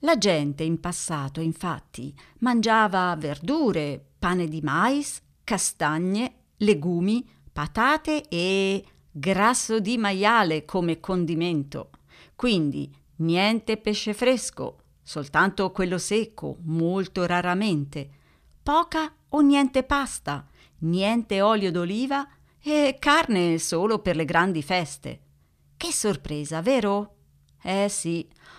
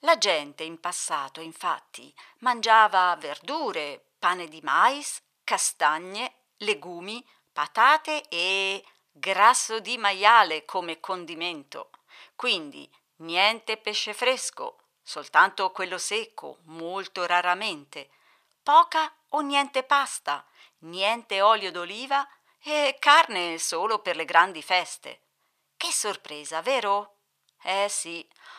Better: first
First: none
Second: thin; very; fading below 700 Hz

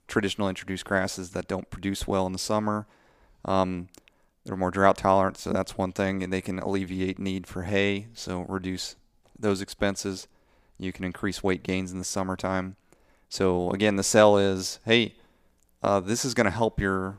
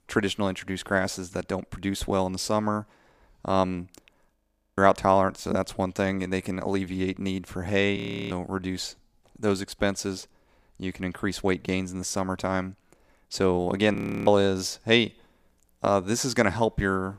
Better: first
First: none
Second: audio freezing; at 4.5 s, at 8 s and at 14 s

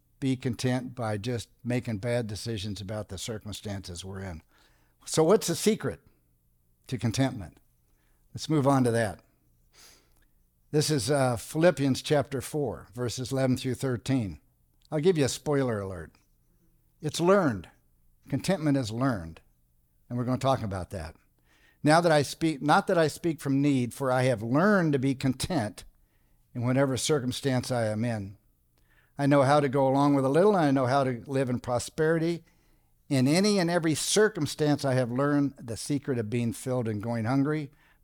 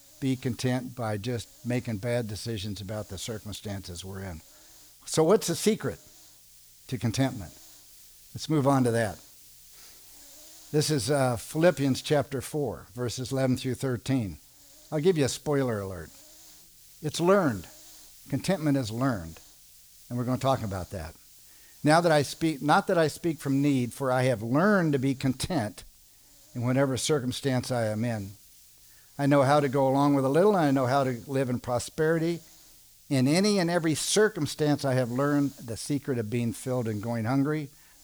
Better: first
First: none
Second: hiss; faint; throughout; 25 dB below the speech

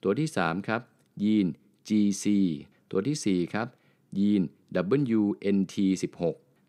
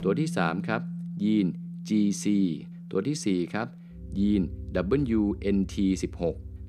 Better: first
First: none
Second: background music; noticeable; throughout; 10 dB below the speech

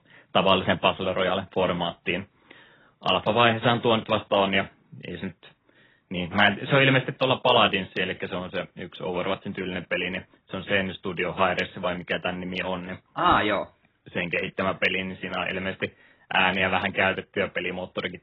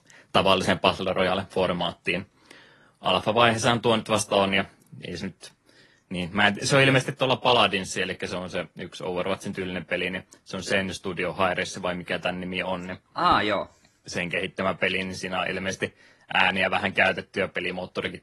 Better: second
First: garbled, watery; badly; nothing above 8 kHz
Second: garbled, watery; slightly; nothing above 11 kHz

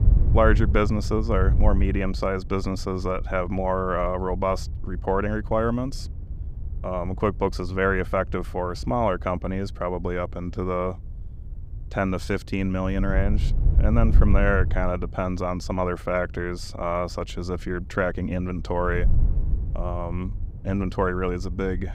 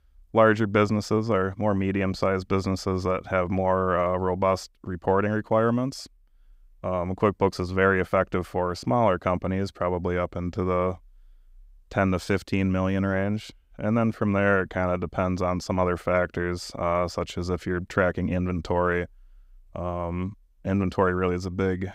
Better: second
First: wind noise on the microphone; occasional gusts; 20 dB below the speech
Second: none

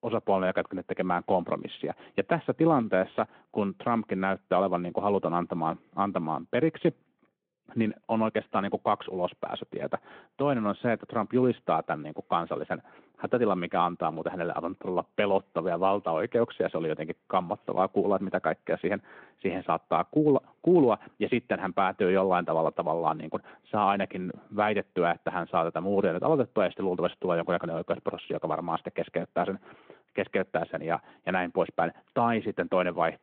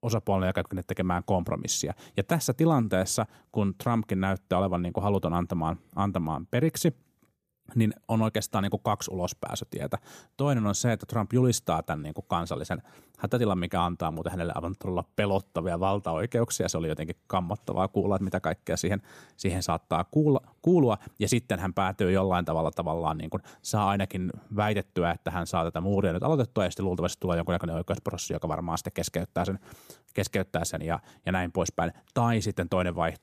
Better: second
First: phone-call audio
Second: none

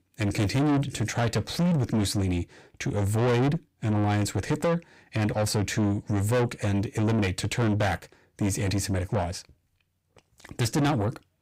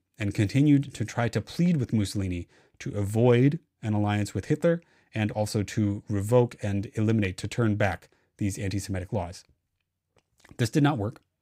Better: second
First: distortion; heavy; 6 dB below the speech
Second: none

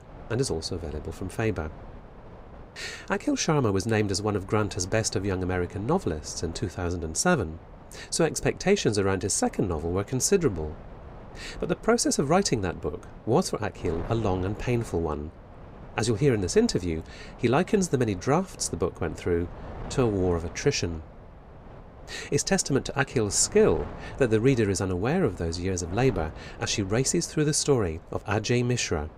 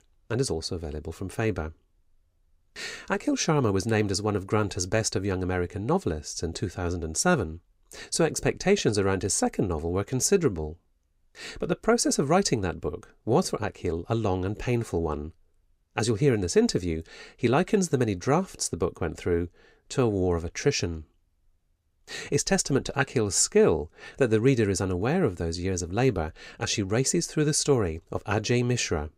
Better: second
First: wind noise on the microphone; occasional gusts; 20 dB below the speech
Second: none

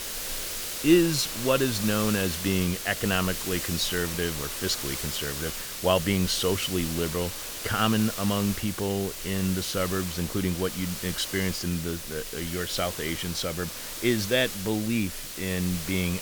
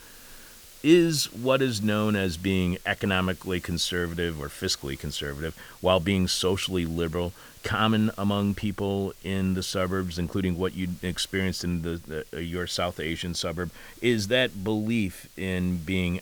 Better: second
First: hiss; loud; throughout; 5 dB below the speech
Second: hiss; faint; throughout; 20 dB below the speech

